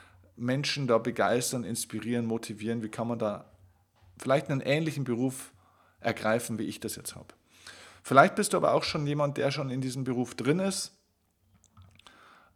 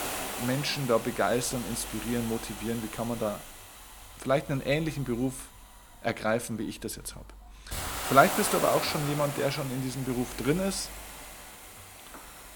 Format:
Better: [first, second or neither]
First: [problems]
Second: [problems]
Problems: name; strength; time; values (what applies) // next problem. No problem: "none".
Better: first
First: none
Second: hiss; loud; throughout; 8 dB below the speech